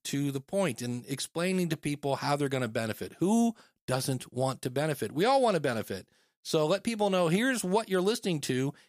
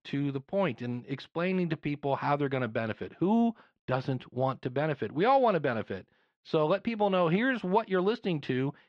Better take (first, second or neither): first